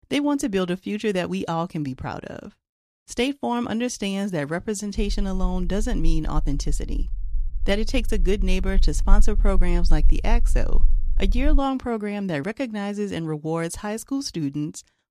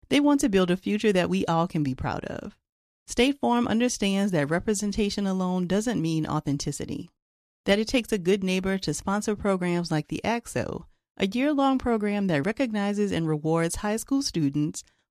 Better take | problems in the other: second | low rumble; faint; from 5 to 12 s; 25 dB below the speech

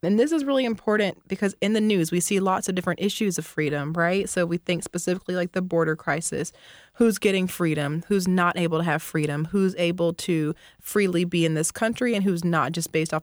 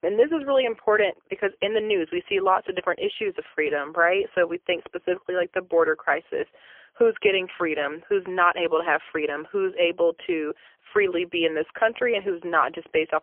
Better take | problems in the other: first | phone-call audio; poor line; nothing above 3 kHz

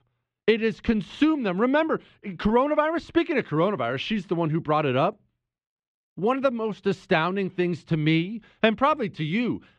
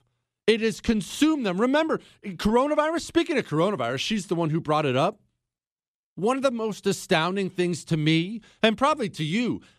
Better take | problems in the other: second | muffled; slightly; fading above 2.5 kHz

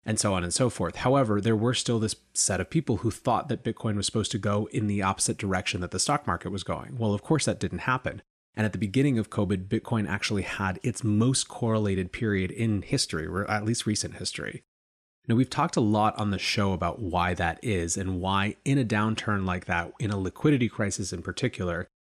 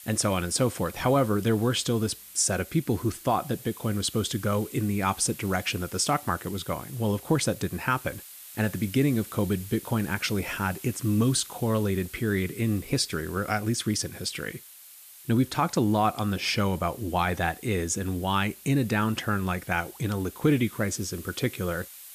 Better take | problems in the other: first | hiss; noticeable; throughout; 15 dB below the speech

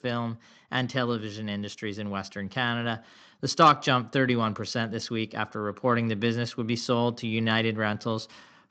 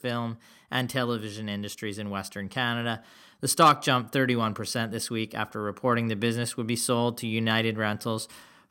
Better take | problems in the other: second | garbled, watery; slightly

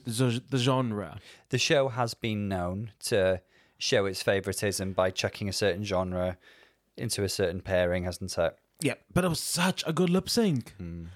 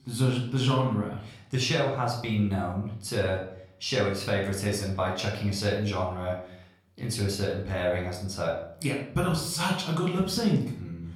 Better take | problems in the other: first | off-mic speech; somewhat distant // room echo; noticeable; dies away in 0.5 s

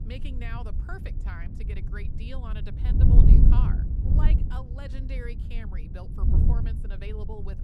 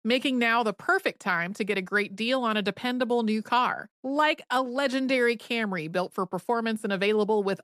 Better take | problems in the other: second | wind noise on the microphone; heavy; 2 dB above the speech

